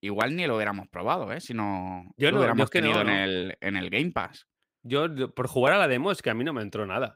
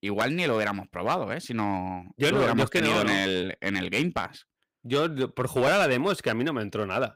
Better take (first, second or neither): first